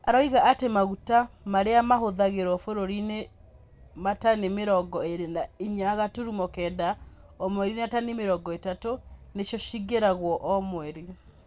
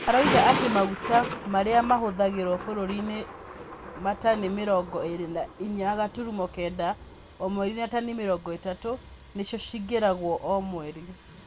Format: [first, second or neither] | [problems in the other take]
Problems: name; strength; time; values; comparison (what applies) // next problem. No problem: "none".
first | background sound (Thunder); 8 dB below the speech